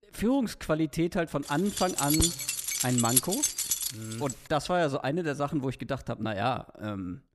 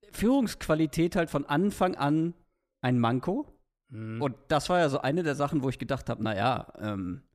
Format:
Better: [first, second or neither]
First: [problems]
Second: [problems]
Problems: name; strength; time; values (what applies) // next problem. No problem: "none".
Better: second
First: jangling keys; loud; from 2 to 4.5 s; peak 6 dB above the speech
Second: none